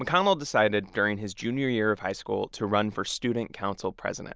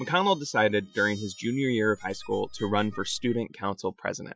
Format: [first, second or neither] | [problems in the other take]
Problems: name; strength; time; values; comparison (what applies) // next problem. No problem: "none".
first | noise reduction (classical method Wiener filter)